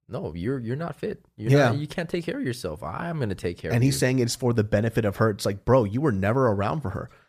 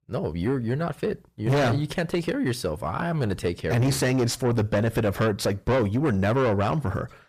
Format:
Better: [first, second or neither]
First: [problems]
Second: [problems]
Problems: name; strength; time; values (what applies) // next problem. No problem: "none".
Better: first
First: none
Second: distortion; heavy; 7 dB below the speech